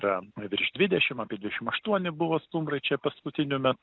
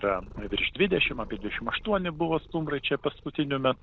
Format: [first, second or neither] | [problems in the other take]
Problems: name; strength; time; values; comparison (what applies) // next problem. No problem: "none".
first | background sound (Purr); 16 dB below the speech